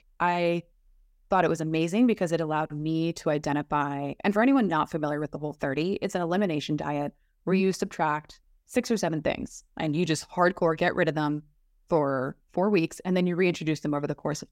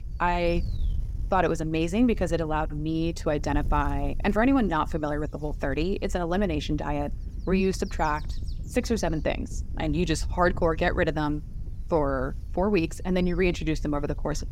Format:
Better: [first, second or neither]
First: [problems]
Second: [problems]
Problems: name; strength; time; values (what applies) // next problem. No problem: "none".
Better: first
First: none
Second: wind noise on the microphone; occasional gusts; 25 dB below the speech